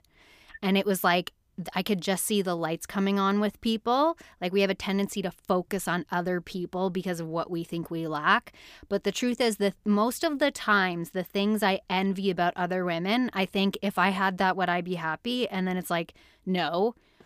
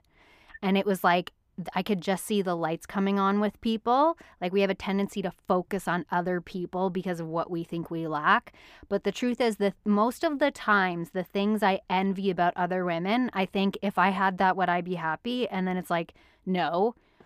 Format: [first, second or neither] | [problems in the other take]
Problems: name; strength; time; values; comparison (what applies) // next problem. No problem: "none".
first | muffled; slightly; fading above 3 kHz